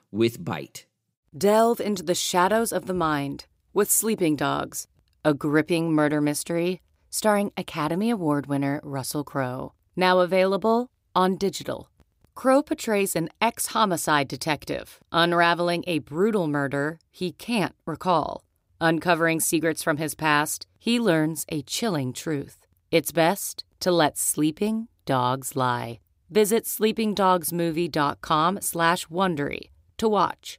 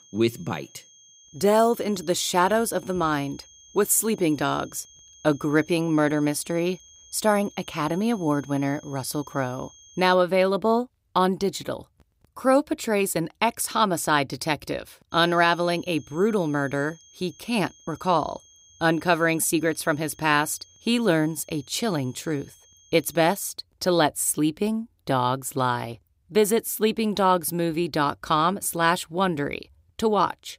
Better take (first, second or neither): first